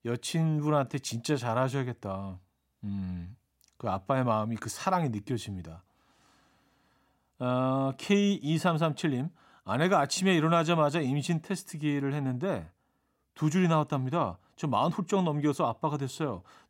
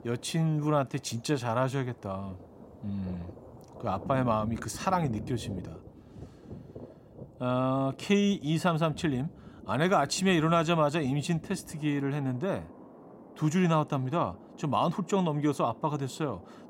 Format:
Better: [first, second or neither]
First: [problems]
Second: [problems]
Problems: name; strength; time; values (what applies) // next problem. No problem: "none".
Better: first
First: none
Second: rain or running water; noticeable; throughout; 20 dB below the speech